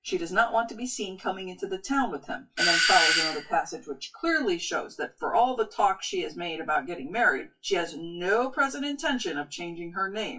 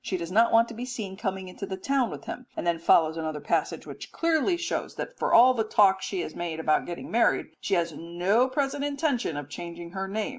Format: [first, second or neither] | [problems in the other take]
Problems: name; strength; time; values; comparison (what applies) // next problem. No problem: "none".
second | noise reduction (classical method WPE with log-MMSE)